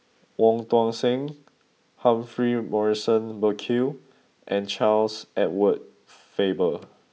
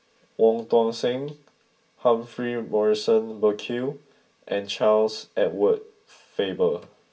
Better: first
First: none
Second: room echo; dies away in 0.1 s

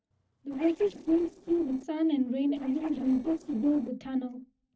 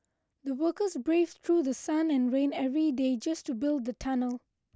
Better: second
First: noise reduction (neural separator model SepFormer DNS4)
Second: none

